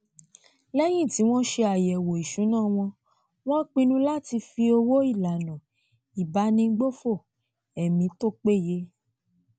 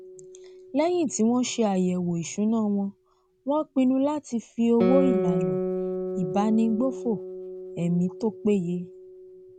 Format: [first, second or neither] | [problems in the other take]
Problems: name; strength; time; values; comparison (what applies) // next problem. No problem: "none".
first | background sound (Guitar); 6 dB below the speech